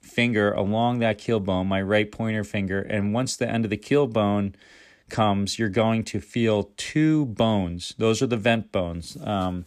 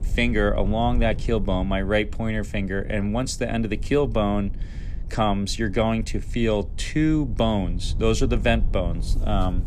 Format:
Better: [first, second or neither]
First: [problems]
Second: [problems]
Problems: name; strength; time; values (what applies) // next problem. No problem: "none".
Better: first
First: none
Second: low rumble; faint; throughout; 20 dB below the speech